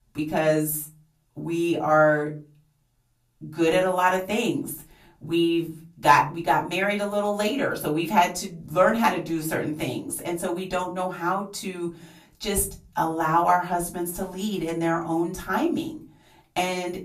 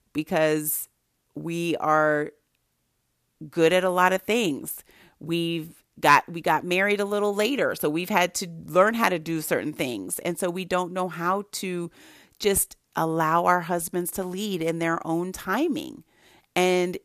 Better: second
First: off-mic speech; far // room echo; very slight; dies away in 0.4 s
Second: none

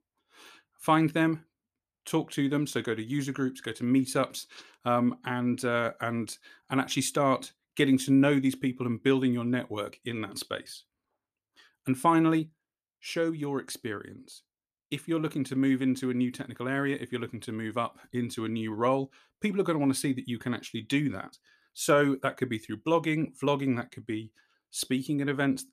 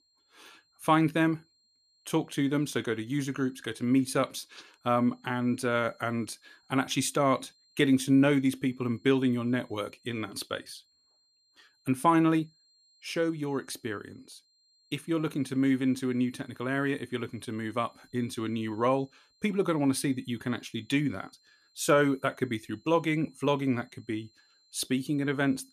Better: first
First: none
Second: high-pitched whine; faint; throughout; 4 kHz, 35 dB below the speech

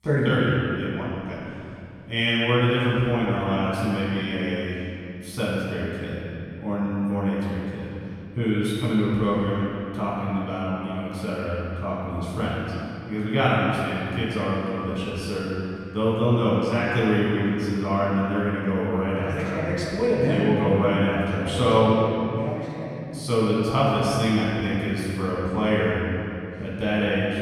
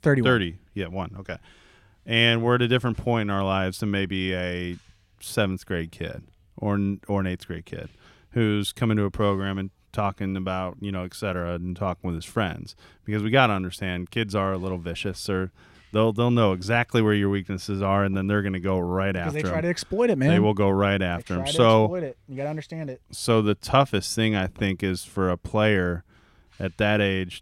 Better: second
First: off-mic speech; far // room echo; strong; dies away in 2.5 s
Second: none

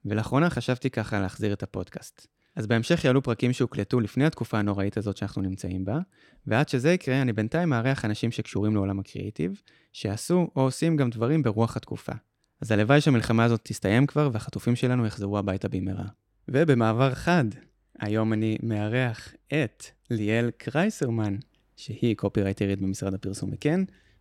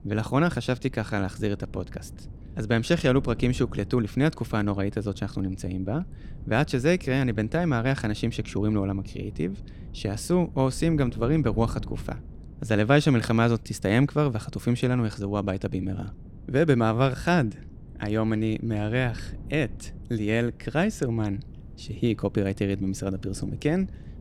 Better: first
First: none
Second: wind noise on the microphone; occasional gusts; 25 dB below the speech

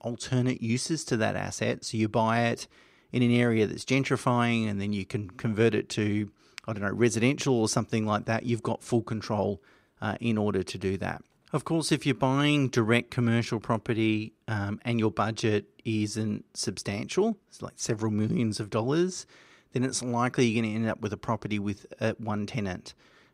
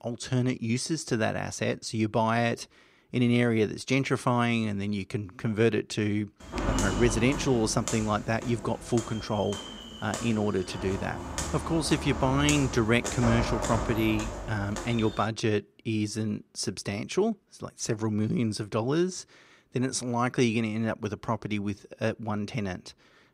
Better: first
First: none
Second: footsteps; noticeable; from 6.5 to 15 s; peak level with the speech

